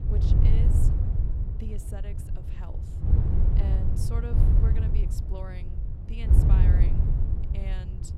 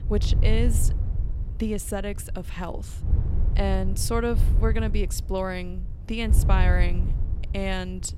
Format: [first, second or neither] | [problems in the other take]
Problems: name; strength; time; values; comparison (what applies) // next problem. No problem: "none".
second | wind noise on the microphone; heavy; 4 dB above the speech; occasional gusts in the second